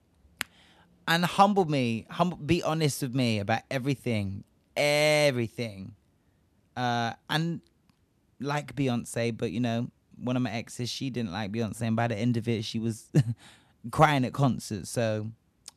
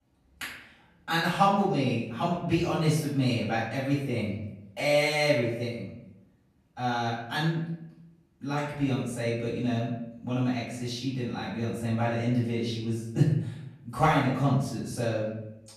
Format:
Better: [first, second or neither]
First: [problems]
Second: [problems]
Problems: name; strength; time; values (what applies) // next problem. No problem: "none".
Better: first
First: none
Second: room echo; noticeable; dies away in 0.7 s // off-mic speech; far